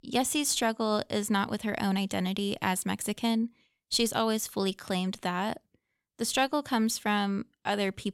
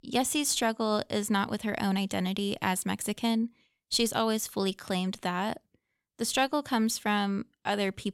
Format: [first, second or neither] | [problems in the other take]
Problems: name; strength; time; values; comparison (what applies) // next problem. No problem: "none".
neither | none